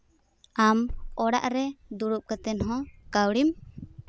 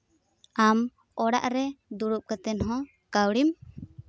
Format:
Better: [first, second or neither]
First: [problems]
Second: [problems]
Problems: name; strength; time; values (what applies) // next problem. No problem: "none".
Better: second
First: background sound (Wind); 16 dB below the speech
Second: none